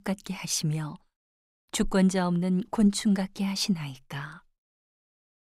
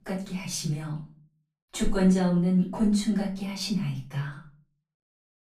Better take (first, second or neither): first